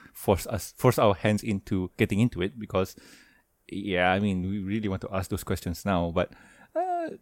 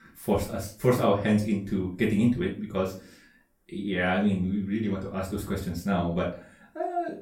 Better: first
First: none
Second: off-mic speech; far // room echo; slight; dies away in 0.3 s

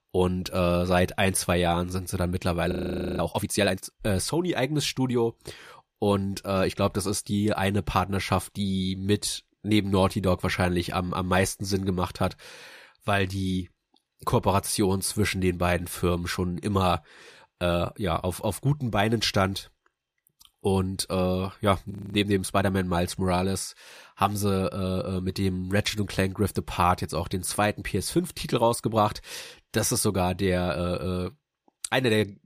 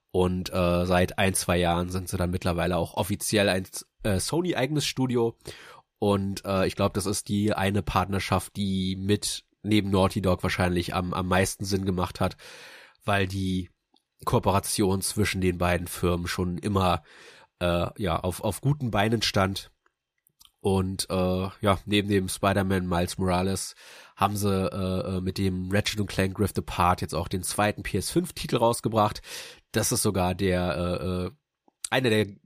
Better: second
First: audio freezing; at 2.5 s and at 22 s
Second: none

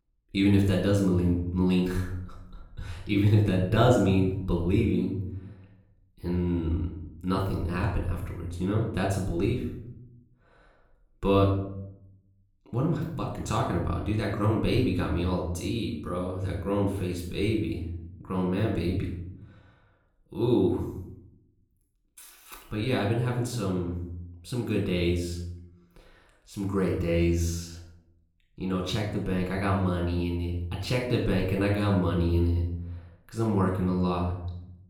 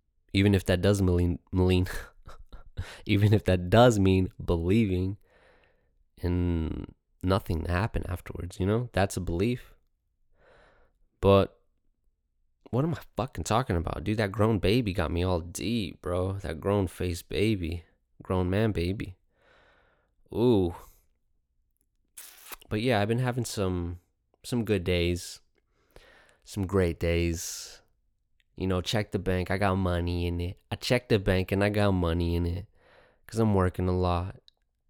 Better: second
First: off-mic speech; far // room echo; noticeable; dies away in 0.7 s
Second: none

